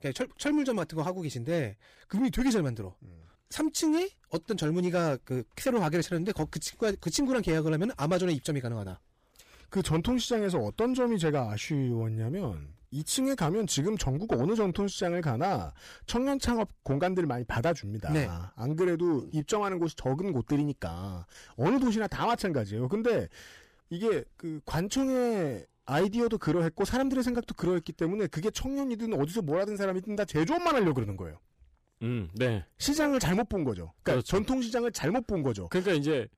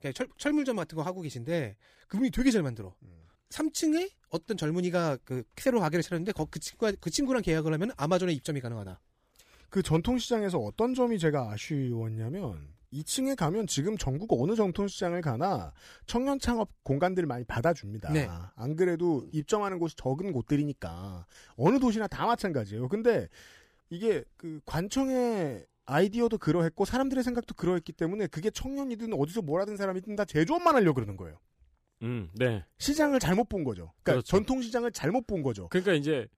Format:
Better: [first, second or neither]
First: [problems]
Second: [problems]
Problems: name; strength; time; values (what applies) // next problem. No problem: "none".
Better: second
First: distortion; slight; 10 dB below the speech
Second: none